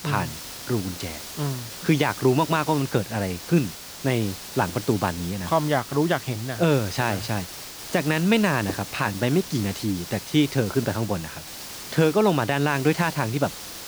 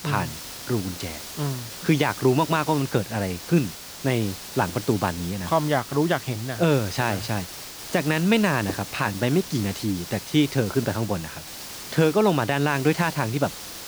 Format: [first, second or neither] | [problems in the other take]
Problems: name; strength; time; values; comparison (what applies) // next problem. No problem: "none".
neither | hiss; noticeable; throughout; 10 dB below the speech; the same in both